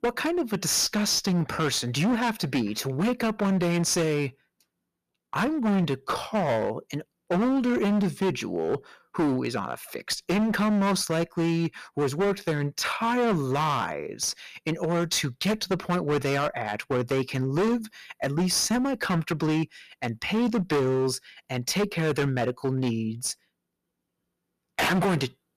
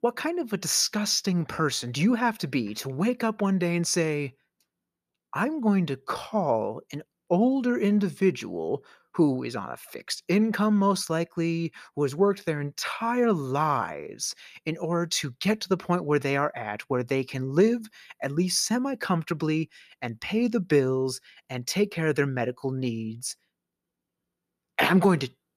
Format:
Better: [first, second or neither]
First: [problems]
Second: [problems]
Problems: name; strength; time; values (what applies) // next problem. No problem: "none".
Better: second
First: distortion; heavy; 17% of the sound clipped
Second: none